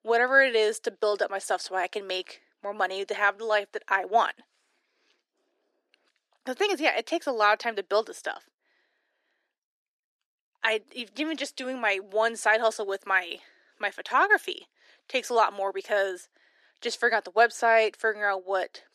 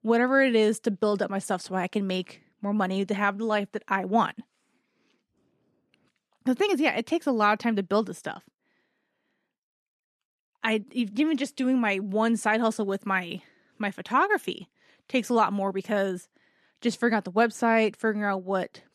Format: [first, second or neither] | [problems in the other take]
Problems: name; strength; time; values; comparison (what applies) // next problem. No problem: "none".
second | thin; very; fading below 350 Hz